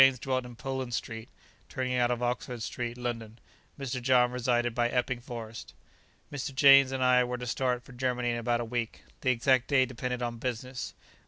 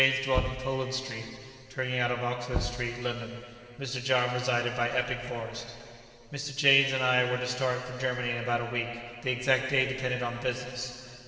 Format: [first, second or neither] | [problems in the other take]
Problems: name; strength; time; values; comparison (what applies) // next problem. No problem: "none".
first | background sound (Knock); 8 dB below the speech // room echo; dies away in 2.7 s